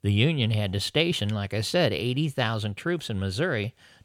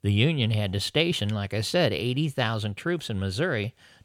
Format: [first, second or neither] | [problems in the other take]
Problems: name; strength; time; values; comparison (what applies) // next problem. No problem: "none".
neither | none